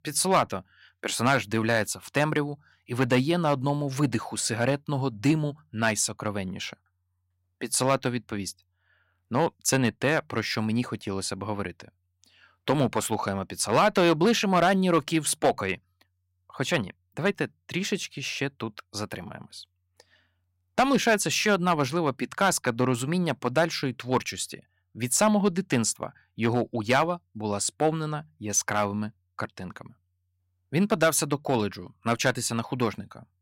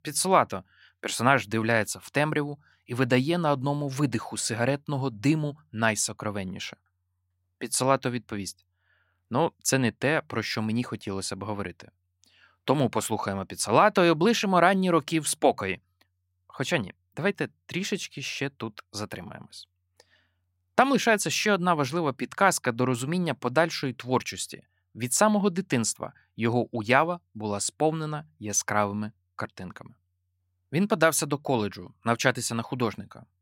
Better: second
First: distortion; slight; 1.4% of the sound clipped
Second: none

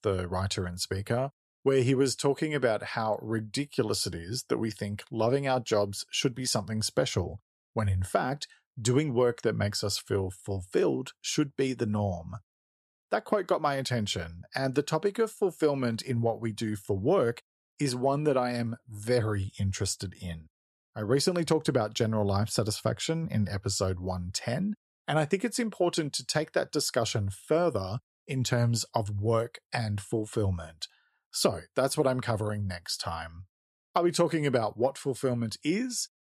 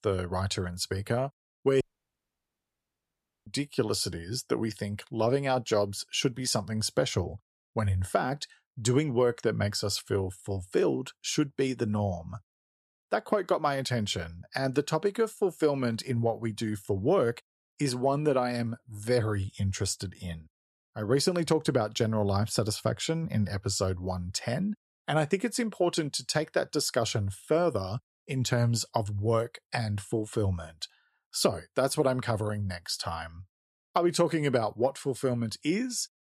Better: first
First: none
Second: audio cutting out; at 2 s for 1.5 s

